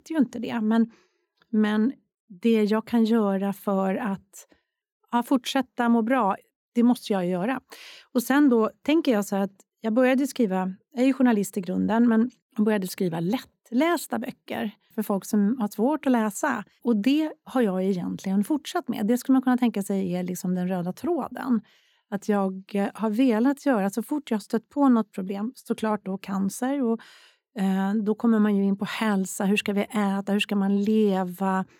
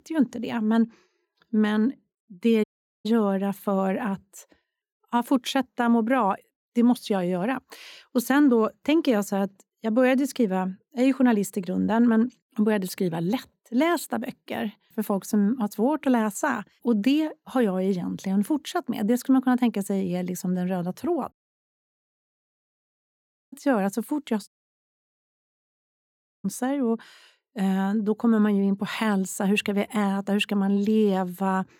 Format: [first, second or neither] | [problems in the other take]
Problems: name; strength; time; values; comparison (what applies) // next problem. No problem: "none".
first | audio cutting out; at 2.5 s, at 21 s for 2 s and at 24 s for 2 s